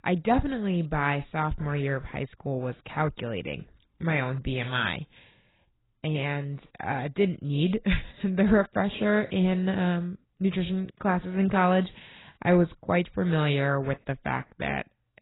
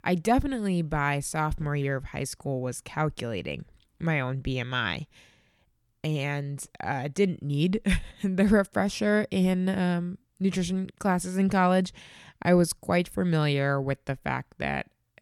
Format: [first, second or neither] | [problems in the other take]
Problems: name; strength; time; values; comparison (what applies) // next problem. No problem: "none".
second | garbled, watery; badly; nothing above 4 kHz